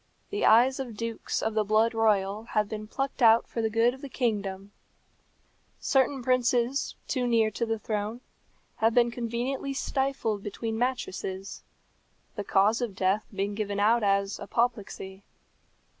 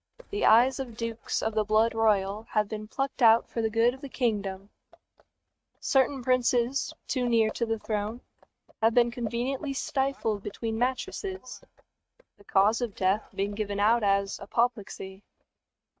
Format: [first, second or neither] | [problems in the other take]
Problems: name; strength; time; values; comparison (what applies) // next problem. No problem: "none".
first | noise reduction (neural mask model RNNoise)